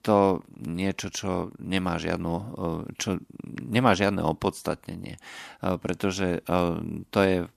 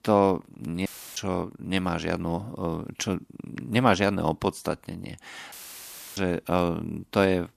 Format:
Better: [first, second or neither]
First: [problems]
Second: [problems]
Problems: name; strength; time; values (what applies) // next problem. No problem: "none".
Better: first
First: none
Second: audio cutting out; filled with static; at 1 s and at 5.5 s for 0.5 s